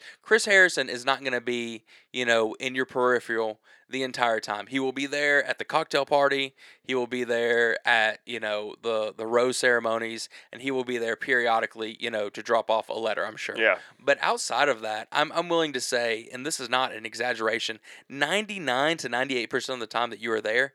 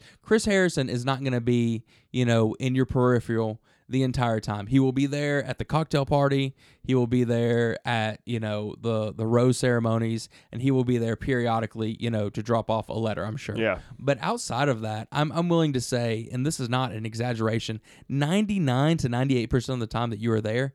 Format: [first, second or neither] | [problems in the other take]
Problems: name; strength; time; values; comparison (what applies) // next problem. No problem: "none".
second | thin; very; fading below 500 Hz